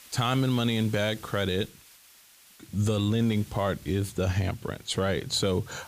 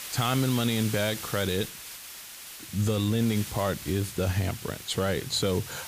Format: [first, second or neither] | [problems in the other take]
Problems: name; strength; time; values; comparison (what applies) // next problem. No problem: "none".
first | hiss; loud; throughout; 10 dB below the speech; faint in the first